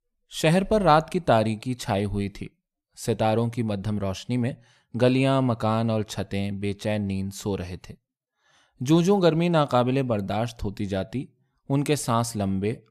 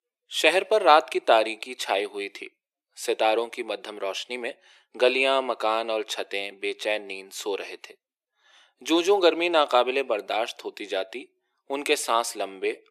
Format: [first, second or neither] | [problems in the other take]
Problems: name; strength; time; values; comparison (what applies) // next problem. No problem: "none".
first | thin; very; fading below 350 Hz